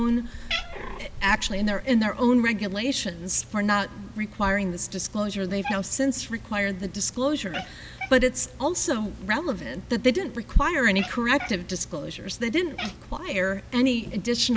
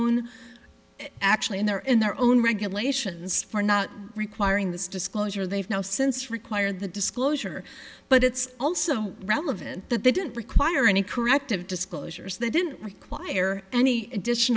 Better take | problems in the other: second | background sound (Cat); 13 dB below the speech

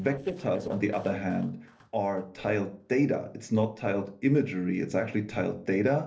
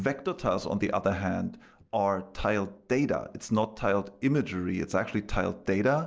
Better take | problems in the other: second | noise reduction (neural separator model SepFormer DNS4)

